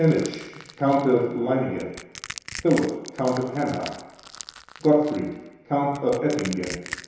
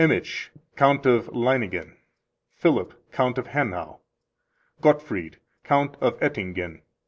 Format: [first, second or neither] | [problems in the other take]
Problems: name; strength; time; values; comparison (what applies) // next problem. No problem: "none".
second | background sound (Crushing); 16 dB below the speech // room echo; dies away in 1 s